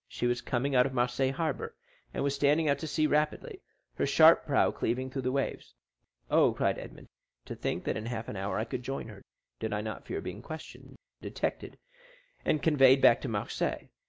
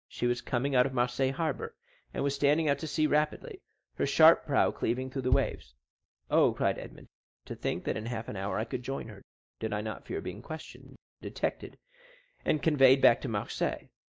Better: first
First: none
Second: noise reduction (neural mask model DeepFilterNet 3)

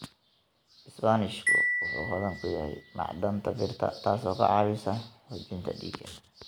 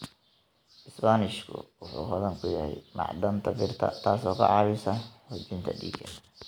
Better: second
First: background sound (Marimba, xylophone); 3 dB below the speech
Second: none

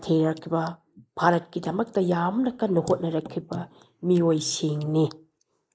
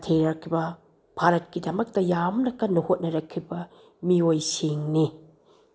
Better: second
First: noise reduction (neural mask model Resemble Enhance denoiser)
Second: none

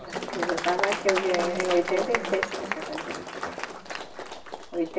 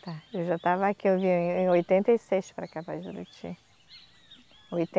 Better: second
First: background sound (Applause); 3 dB below the speech // room echo; dies away in 2.4 s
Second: none

